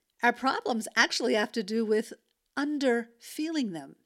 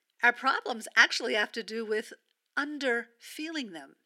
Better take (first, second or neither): first